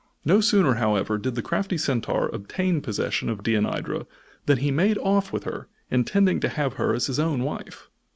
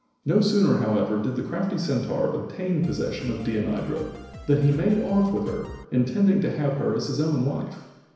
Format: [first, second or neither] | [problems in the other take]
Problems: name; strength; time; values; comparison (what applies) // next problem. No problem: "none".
first | background sound (Drum kit); 17 dB below the speech // room echo; dies away in 1 s